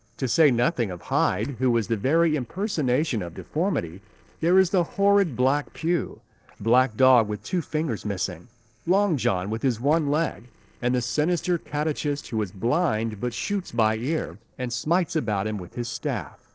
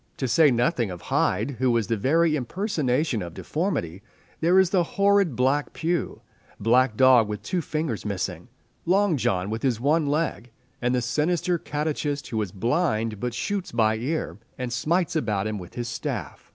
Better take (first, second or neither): second